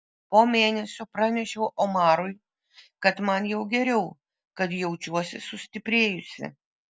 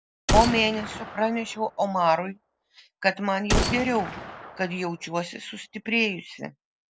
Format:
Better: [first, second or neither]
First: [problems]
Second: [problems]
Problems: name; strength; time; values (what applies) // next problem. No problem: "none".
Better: first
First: none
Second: background sound (Gunshot, gunfire); 4 dB below the speech